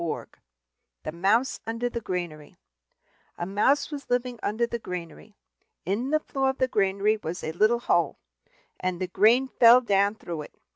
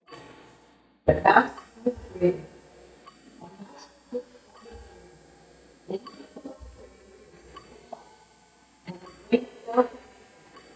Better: first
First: none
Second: noise reduction (neural mask model DeepFilterNet 3)

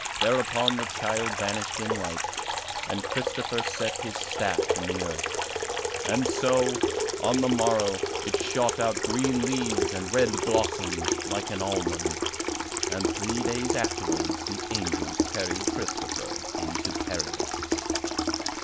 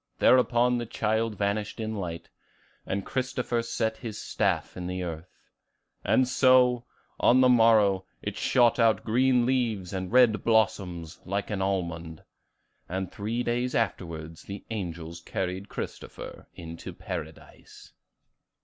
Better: second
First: background sound (Sink (filling or washing) / Water tap, faucet); 1 dB above the speech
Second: none

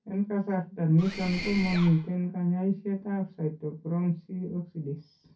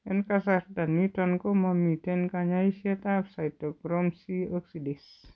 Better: second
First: background sound (Mechanisms); 9 dB below the speech // room echo; dies away in 0.3 s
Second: none

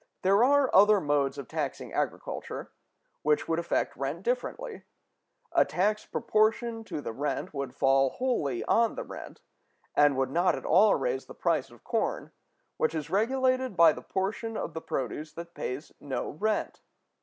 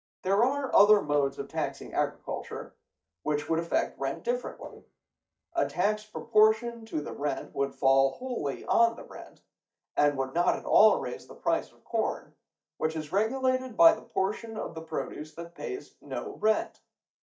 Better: first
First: none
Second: noise reduction (neural mask model DeepFilterNet 3)

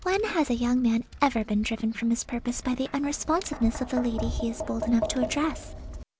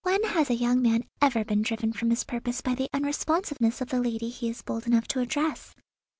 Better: second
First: background sound (Tap); 9 dB below the speech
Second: none

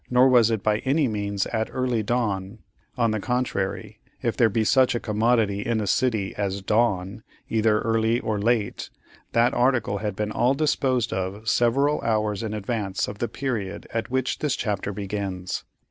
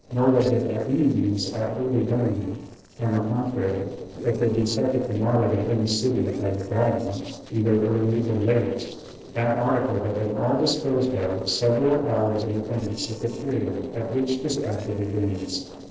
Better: first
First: none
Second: noise reduction (neural separator model SepFormer DNS4)

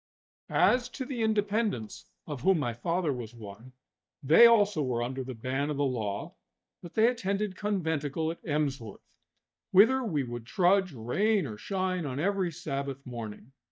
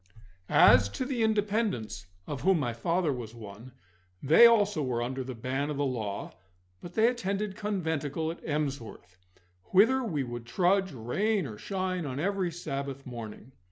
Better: second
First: noise reduction (neural mask model DeepFilterNet 3)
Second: none

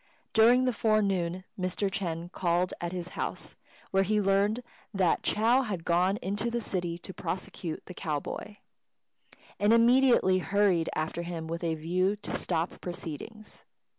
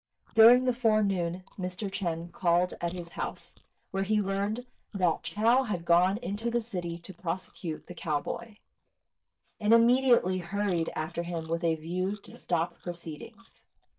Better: first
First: none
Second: noise reduction (neural mask model DeepFilterNet 3)

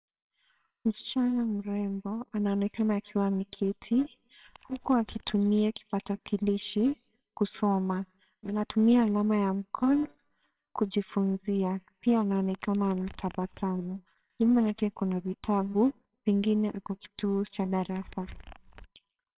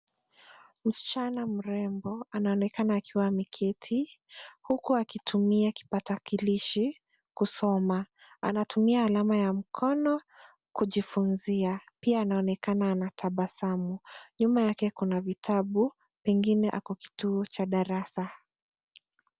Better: second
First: noise reduction (neural separator model SepFormer WHAMR!)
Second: none

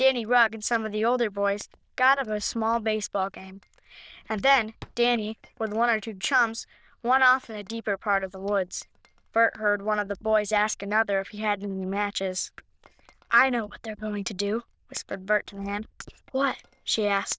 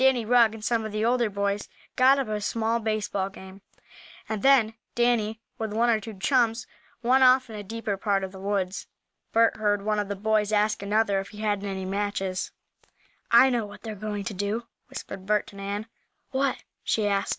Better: second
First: noise reduction (neural diffusion model UNIVERSE++)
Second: none

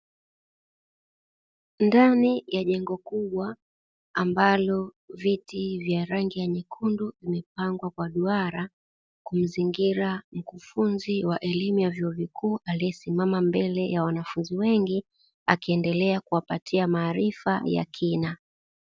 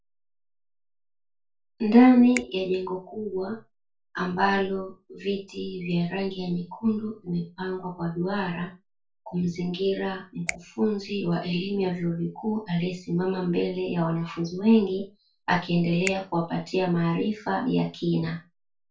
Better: first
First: none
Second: background sound (Finger snapping); 16 dB below the speech // room echo; dies away in 0.2 s

